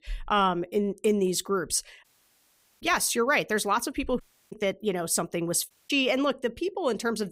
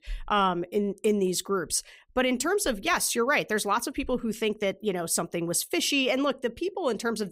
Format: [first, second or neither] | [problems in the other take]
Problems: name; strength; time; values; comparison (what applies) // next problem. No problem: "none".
second | audio cutting out; at 2 s for 1 s, at 4 s and at 5.5 s